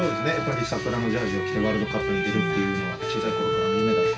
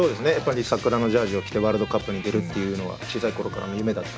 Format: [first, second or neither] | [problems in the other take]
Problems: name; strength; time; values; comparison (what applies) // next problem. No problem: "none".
second | background sound (Bowed string instrument); as loud as the speech // room echo; dies away in 0.2 s